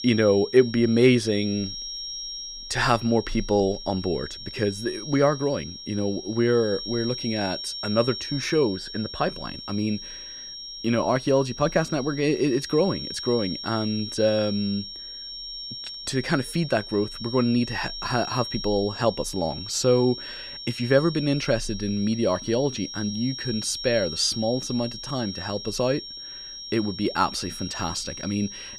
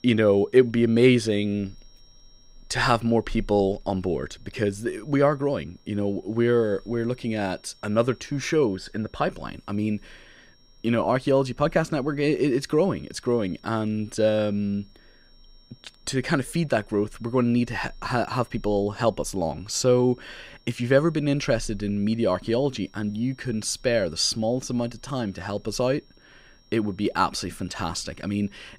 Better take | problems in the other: second | high-pitched whine; loud; throughout; 5.5 kHz, 9 dB below the speech; faint in the second

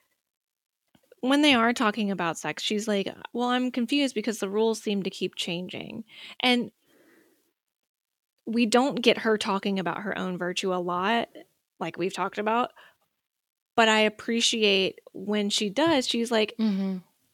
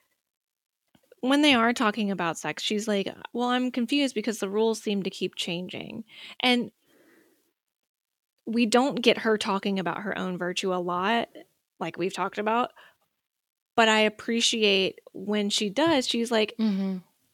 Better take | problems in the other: neither | none

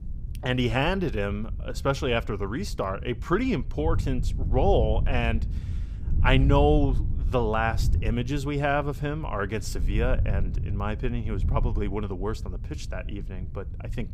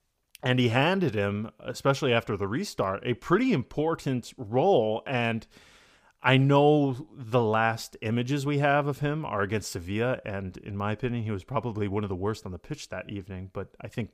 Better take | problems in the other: second | wind noise on the microphone; occasional gusts; 20 dB below the speech

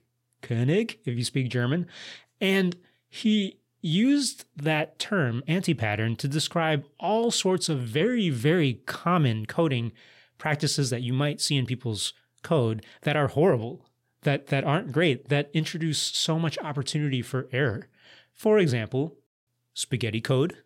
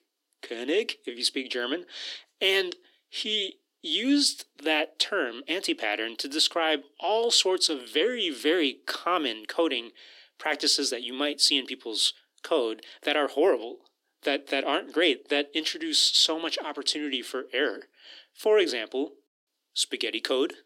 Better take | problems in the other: first | thin; somewhat; fading below 300 Hz

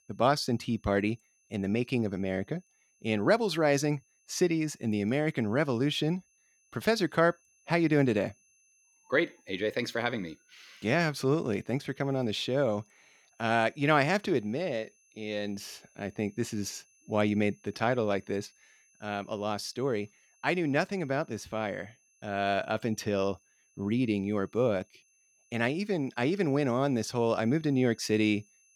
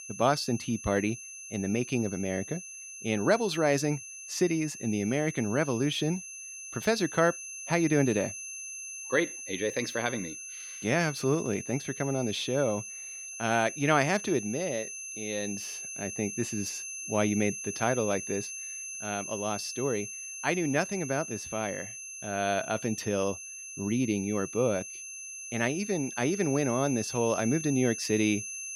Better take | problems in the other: first | high-pitched whine; loud; throughout; 6.5 kHz, 8 dB below the speech; faint in the first

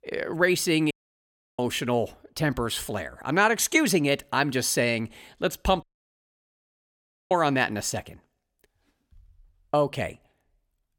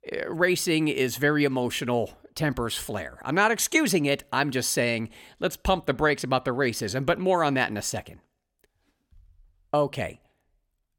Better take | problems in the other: second | audio cutting out; at 1 s for 0.5 s and at 6 s for 1.5 s

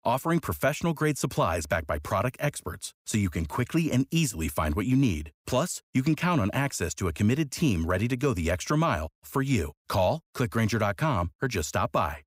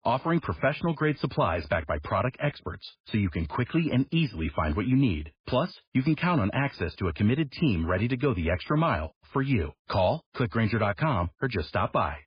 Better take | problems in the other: first | garbled, watery; badly

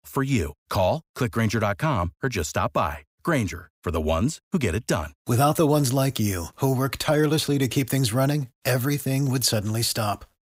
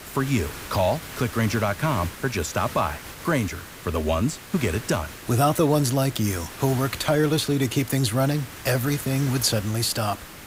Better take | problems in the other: first | hiss; noticeable; throughout; 15 dB below the speech

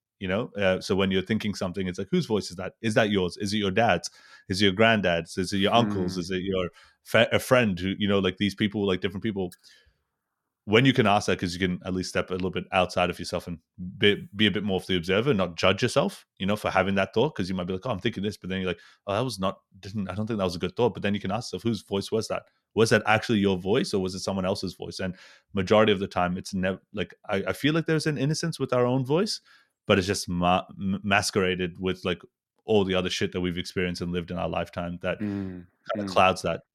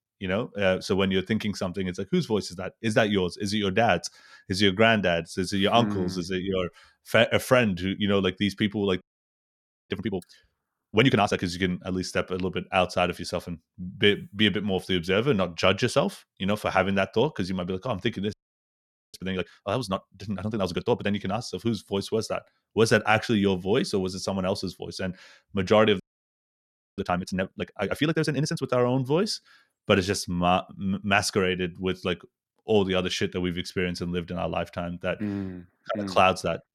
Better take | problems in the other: first | audio freezing; at 9 s for 1 s, at 18 s for 1 s and at 26 s for 1 s

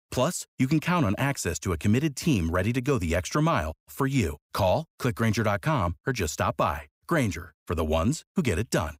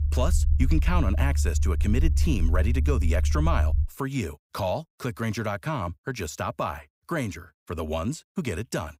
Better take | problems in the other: first | low rumble; noticeable; until 4 s; 10 dB below the speech

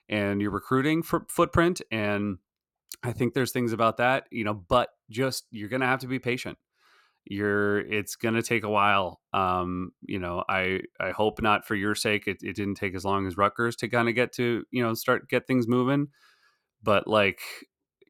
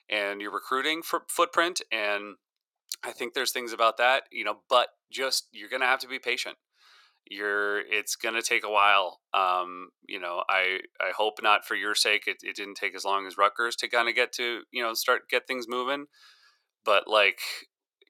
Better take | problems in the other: first | thin; very; fading below 500 Hz

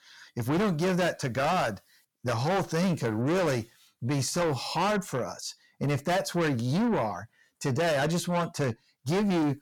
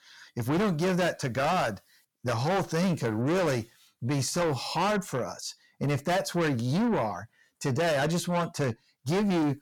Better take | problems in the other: neither | distortion; heavy; 6 dB below the speech; the same in both

